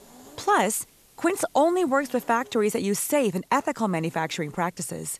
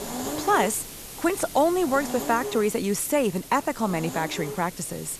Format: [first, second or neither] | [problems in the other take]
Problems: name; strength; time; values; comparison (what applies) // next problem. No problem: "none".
first | hiss; loud; throughout; 10 dB below the speech; faint in the first